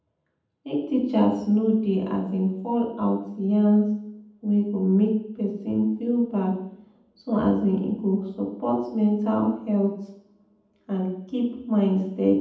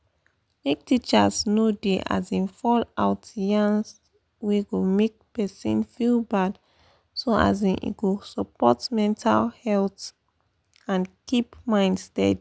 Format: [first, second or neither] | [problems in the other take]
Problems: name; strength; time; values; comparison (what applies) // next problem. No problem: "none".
second | room echo; dies away in 0.8 s